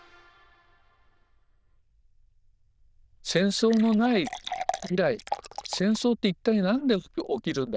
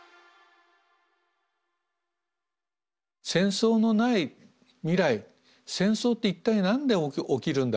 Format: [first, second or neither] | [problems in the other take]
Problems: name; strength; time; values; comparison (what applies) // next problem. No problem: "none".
second | noise reduction (neural diffusion model UNIVERSE++)